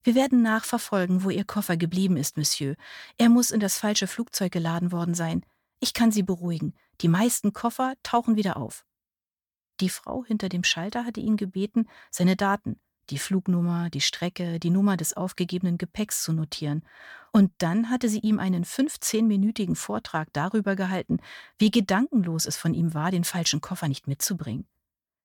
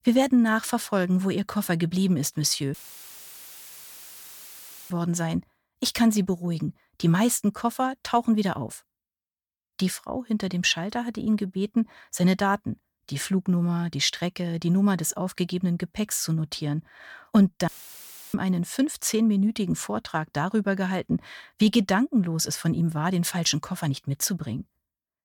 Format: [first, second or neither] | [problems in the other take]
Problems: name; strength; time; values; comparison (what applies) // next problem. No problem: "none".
first | audio cutting out; filled with static; at 2.5 s for 2 s and at 18 s for 0.5 s